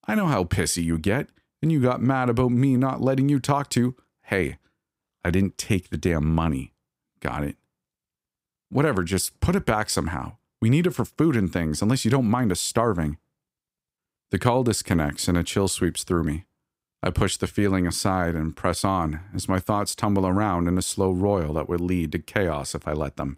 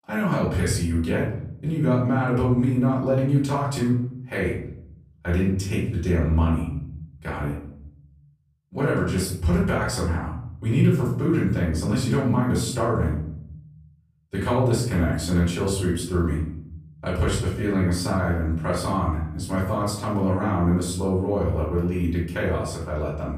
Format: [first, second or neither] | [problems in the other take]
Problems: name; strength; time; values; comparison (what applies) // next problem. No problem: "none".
first | room echo; noticeable; dies away in 0.8 s // off-mic speech; far